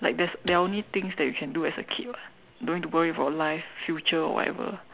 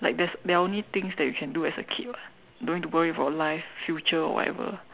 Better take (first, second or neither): second